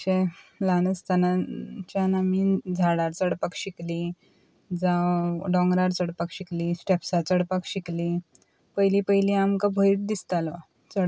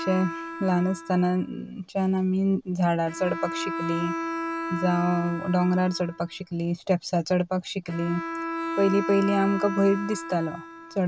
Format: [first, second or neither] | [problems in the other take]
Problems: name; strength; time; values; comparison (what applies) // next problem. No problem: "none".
first | background sound (Bowed string instrument); 8 dB below the speech